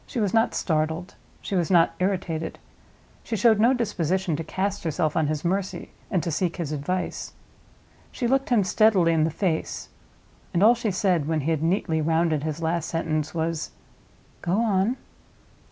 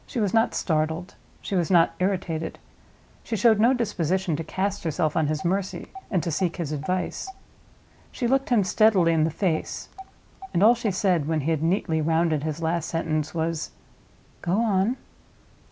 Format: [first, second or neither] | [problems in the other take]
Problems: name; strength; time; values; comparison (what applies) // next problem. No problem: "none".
first | background sound (Telephone); 18 dB below the speech